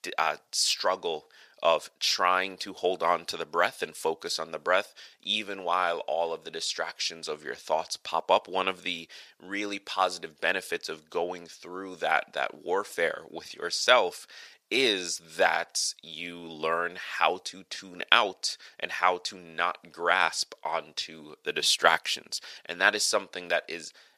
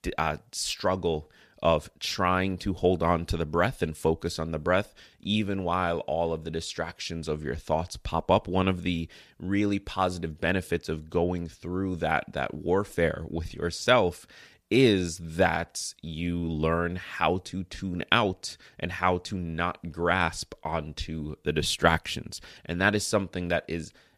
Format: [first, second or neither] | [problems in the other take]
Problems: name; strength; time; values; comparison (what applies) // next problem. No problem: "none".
second | thin; very; fading below 600 Hz